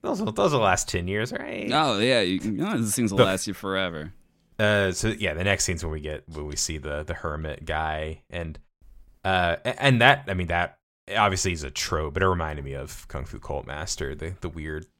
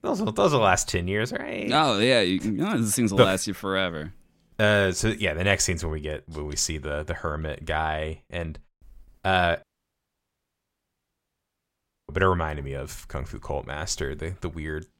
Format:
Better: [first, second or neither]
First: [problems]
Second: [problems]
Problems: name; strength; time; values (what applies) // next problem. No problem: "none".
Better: first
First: none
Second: audio cutting out; at 9.5 s for 2.5 s